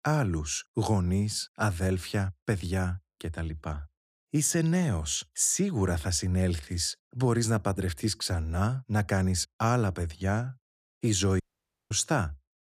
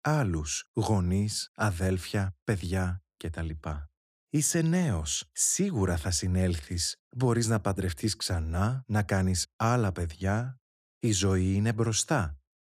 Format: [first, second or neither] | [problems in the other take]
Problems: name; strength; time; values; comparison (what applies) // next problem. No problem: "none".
second | audio cutting out; at 11 s for 0.5 s